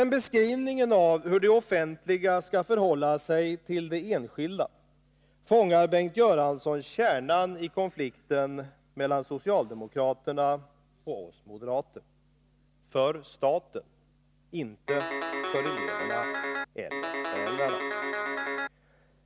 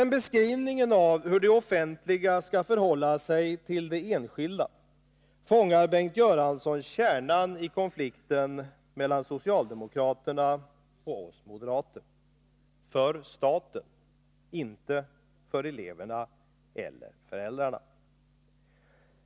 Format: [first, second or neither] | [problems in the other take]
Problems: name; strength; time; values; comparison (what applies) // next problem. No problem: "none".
second | background sound (Guitar); 4 dB below the speech